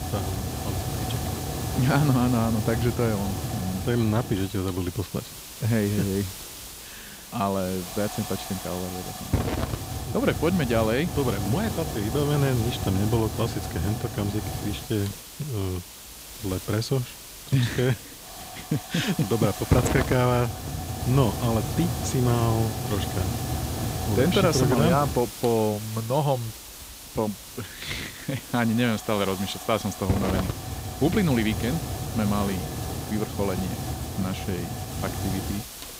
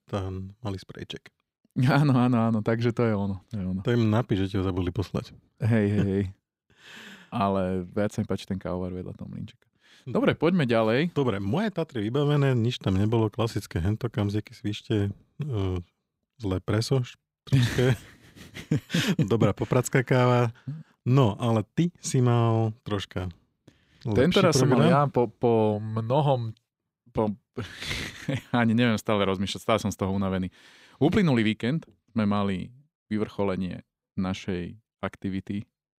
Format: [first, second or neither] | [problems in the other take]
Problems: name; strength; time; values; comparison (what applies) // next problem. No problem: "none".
second | hiss; loud; throughout; 5 dB below the speech